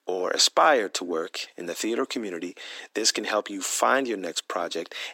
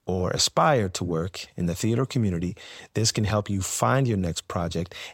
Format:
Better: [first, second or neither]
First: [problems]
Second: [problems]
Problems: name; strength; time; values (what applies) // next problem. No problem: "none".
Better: second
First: thin; somewhat; fading below 300 Hz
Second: none